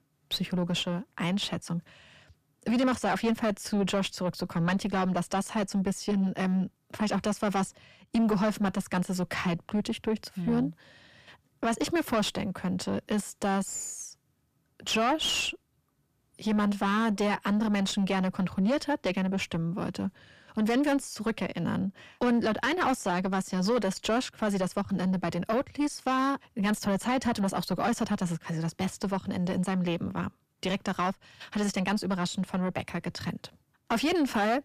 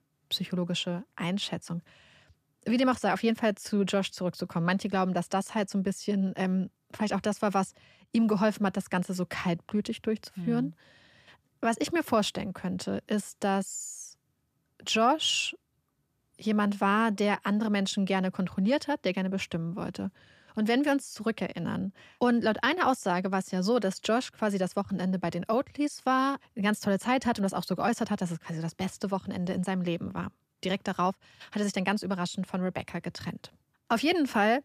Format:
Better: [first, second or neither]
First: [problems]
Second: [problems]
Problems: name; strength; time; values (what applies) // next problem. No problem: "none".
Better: second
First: distortion; slight; 9 dB below the speech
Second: none